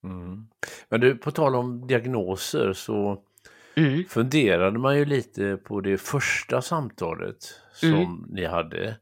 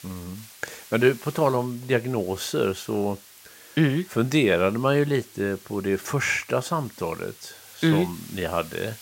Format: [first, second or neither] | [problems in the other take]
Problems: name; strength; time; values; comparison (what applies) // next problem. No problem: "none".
first | hiss; faint; throughout; 20 dB below the speech